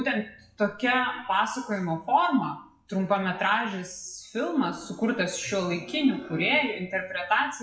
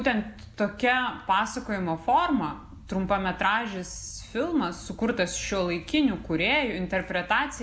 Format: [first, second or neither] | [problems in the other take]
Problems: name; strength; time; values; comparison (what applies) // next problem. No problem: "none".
second | noise reduction (classical method WPE with log-MMSE)